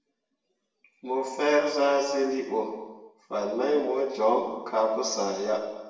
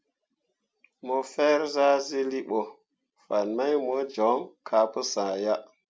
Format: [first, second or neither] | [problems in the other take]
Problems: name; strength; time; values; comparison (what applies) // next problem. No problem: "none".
second | room echo; dies away in 1.1 s